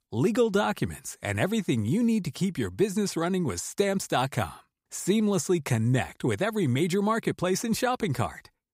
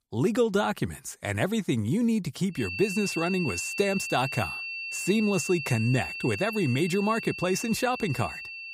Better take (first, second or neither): first